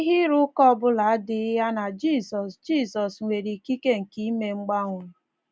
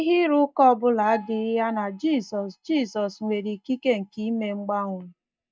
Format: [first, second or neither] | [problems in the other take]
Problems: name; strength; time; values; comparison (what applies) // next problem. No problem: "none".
first | noise reduction (neural mask model DeepFilterNet 3)